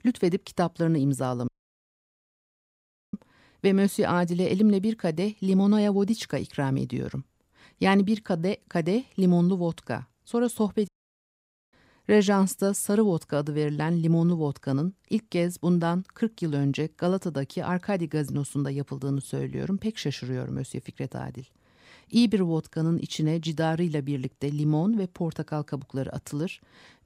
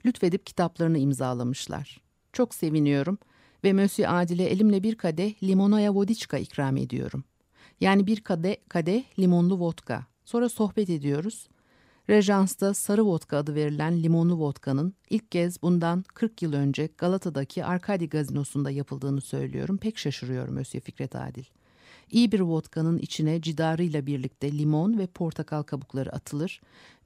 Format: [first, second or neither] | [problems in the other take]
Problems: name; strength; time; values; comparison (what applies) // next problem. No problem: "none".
second | audio cutting out; at 1.5 s for 1.5 s and at 11 s for 1 s